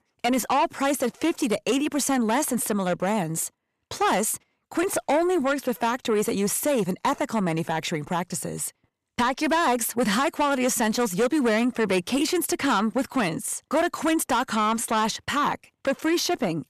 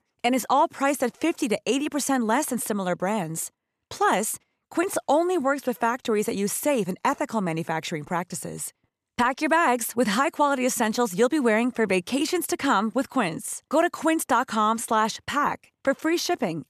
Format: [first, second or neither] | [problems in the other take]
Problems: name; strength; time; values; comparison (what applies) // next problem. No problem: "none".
second | distortion; slight; 10 dB below the speech